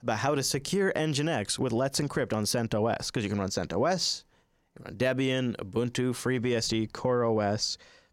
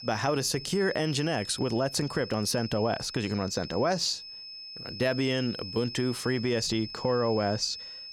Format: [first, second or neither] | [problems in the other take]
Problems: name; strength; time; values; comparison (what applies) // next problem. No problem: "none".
first | high-pitched whine; noticeable; throughout; 5 kHz, 10 dB below the speech